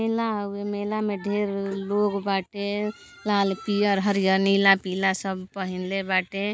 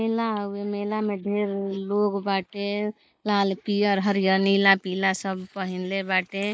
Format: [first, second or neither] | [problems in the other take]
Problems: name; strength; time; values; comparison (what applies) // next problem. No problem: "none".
first | noise reduction (neural mask model Resemble Enhance denoiser)